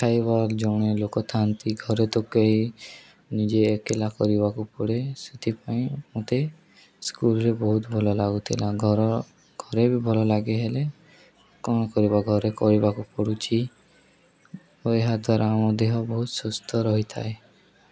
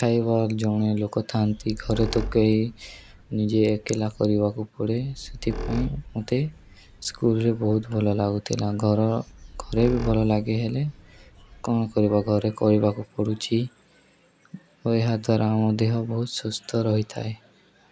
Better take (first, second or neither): first